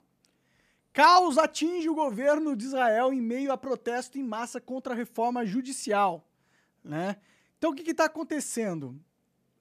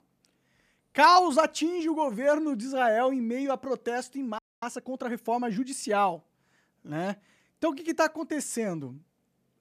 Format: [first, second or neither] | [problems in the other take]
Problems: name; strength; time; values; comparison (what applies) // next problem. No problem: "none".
first | audio freezing; at 4.5 s